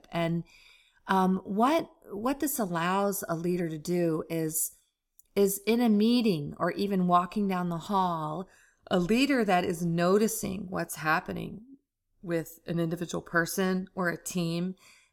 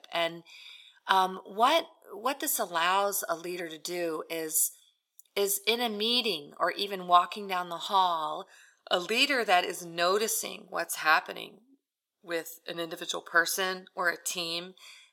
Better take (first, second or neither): first